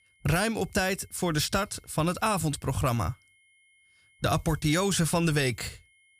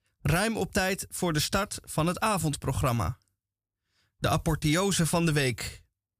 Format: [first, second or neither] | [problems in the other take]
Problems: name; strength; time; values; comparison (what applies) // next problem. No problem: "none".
second | high-pitched whine; faint; throughout; 2 kHz, 35 dB below the speech